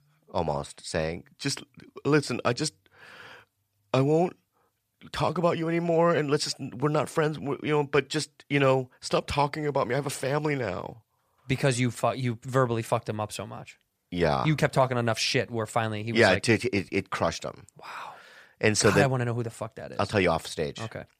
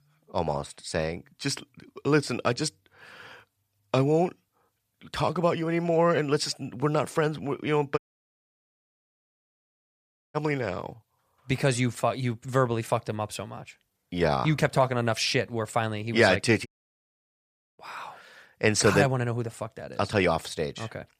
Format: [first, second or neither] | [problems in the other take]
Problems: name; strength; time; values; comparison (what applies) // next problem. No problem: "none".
first | audio cutting out; at 8 s for 2.5 s and at 17 s for 1 s